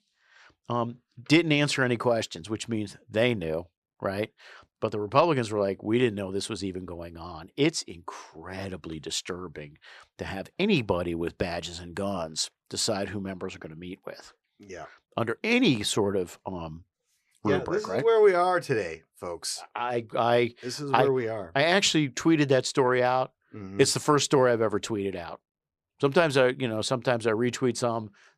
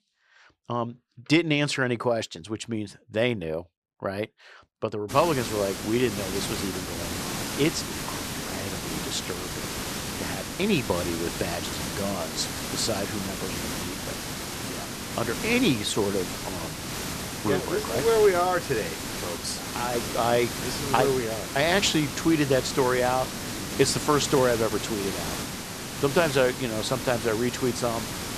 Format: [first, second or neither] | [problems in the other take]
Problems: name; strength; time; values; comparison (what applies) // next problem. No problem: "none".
first | hiss; loud; from 5 s on; 5 dB below the speech